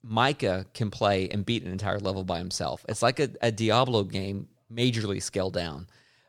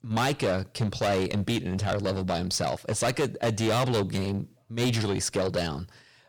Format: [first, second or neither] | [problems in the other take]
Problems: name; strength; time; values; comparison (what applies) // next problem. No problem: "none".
first | distortion; heavy; 5 dB below the speech